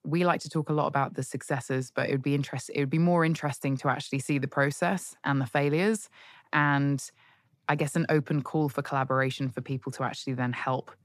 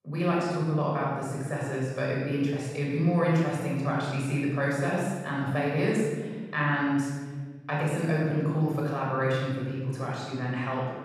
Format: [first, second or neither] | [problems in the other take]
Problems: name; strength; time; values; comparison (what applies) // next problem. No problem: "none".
first | off-mic speech; far // room echo; strong; dies away in 1.4 s